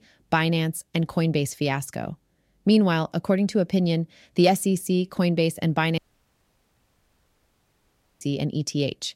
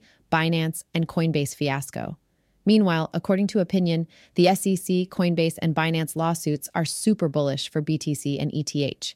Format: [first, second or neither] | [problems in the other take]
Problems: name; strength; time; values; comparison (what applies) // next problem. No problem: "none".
second | audio cutting out; at 6 s for 2 s